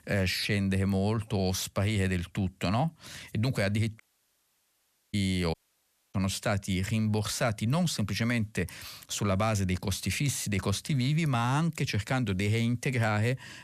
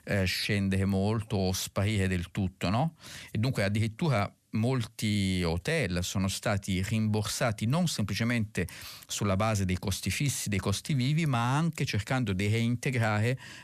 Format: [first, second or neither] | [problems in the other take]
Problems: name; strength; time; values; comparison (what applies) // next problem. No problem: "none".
second | audio cutting out; at 4 s for 1 s and at 5.5 s for 0.5 s